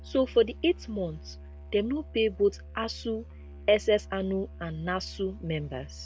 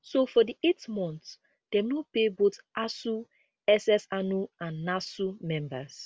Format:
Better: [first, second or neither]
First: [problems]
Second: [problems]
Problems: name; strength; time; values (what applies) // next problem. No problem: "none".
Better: second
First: background sound (Musical instrument); 15 dB below the speech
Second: none